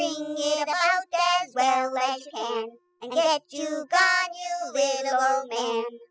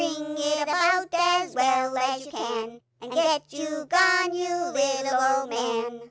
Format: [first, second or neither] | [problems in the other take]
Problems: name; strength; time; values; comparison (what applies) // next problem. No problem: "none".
second | noise reduction (classical method spectral subtraction)